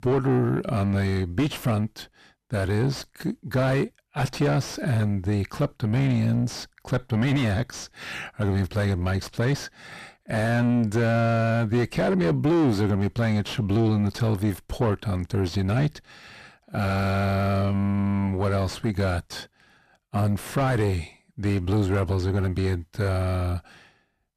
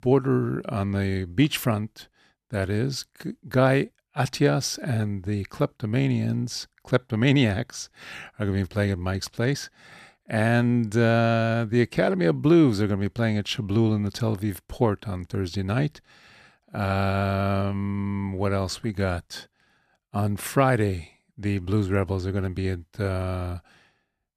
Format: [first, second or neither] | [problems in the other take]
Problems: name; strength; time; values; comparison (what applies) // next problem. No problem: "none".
second | distortion; heavy; 6 dB below the speech